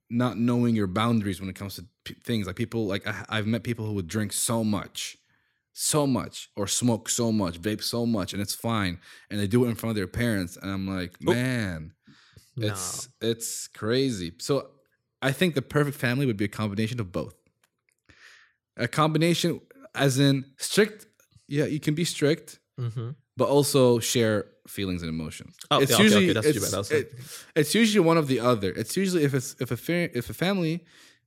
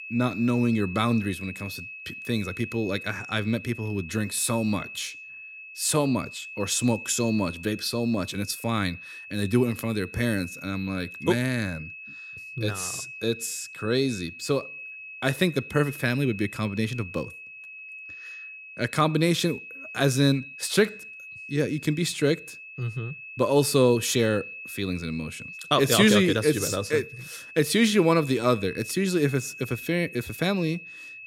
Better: first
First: none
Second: high-pitched whine; noticeable; throughout; 2.5 kHz, 15 dB below the speech

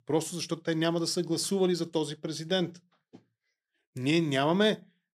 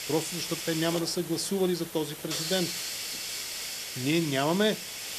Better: first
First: none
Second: hiss; loud; throughout; 5 dB below the speech

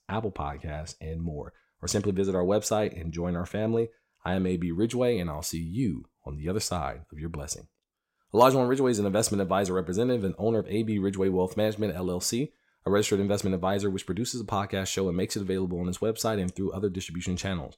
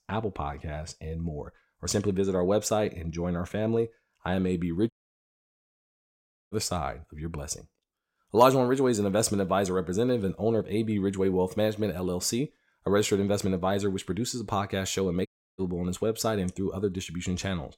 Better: first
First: none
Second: audio cutting out; at 5 s for 1.5 s and at 15 s

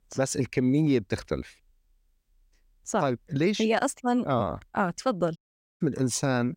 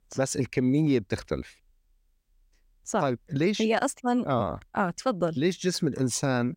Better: second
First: audio cutting out; at 5.5 s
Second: none

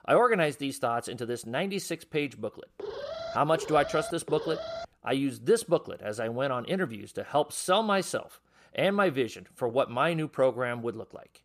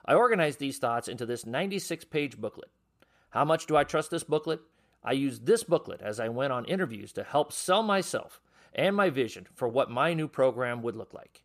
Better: second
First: alarm; noticeable; from 3 to 5 s; peak 8 dB below the speech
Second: none

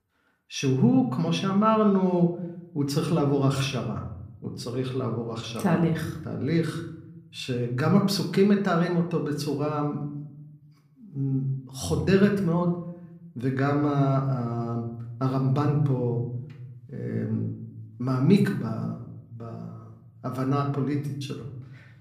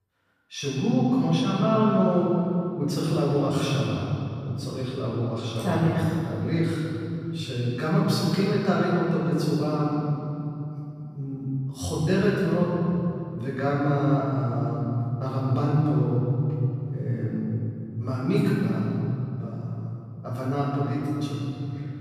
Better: first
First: room echo; slight; dies away in 0.7 s // off-mic speech; somewhat distant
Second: room echo; strong; dies away in 3 s // off-mic speech; far

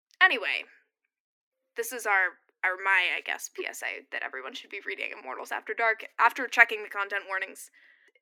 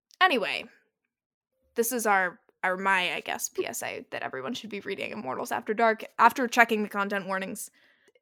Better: second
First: thin; somewhat; fading below 250 Hz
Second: none

